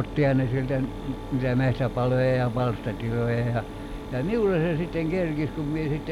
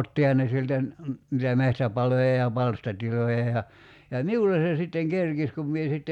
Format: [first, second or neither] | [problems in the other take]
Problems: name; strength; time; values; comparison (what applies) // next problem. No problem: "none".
second | background sound (Mechanisms); 10 dB below the speech